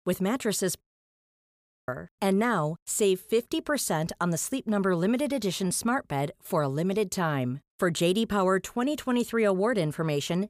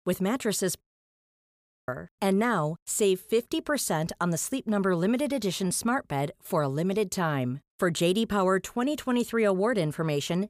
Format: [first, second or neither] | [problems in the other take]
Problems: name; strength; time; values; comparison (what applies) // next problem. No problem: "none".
neither | audio cutting out; at 1 s for 1 s; the same in both